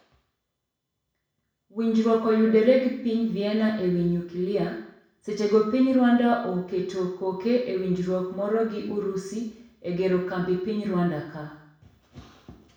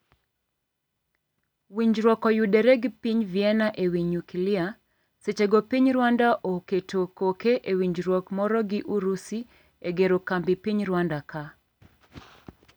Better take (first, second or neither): second